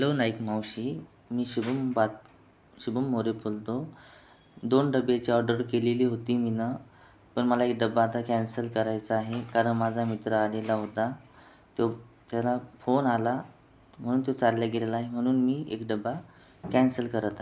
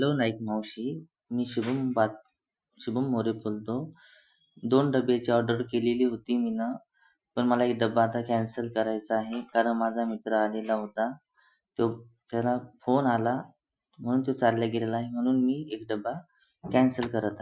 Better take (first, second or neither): first